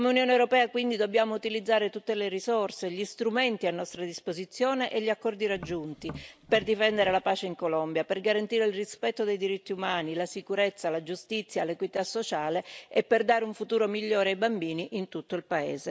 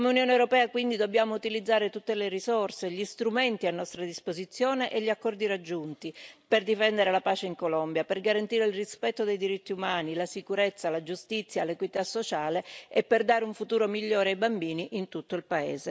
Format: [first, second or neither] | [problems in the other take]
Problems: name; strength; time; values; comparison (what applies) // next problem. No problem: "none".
second | background sound (Tap); 17 dB below the speech